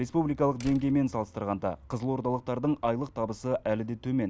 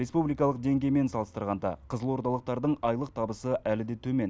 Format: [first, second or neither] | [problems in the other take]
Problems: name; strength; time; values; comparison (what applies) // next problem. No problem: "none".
second | background sound (Slam); 18 dB below the speech